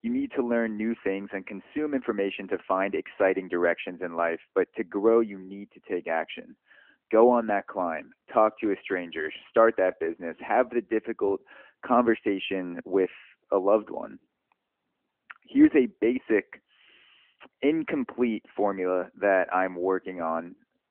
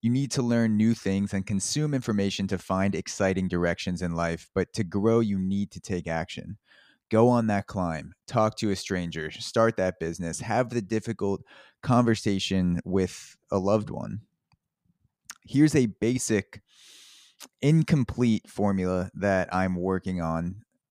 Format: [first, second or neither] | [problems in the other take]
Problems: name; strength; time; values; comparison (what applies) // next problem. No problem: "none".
second | phone-call audio; nothing above 3 kHz